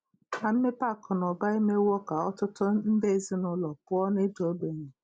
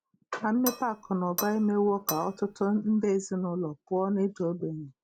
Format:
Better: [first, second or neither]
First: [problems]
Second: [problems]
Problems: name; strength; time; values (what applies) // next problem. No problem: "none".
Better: first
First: none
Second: background sound (Cutlery, silverware / Dishes, pots, and pans); 10 dB below the speech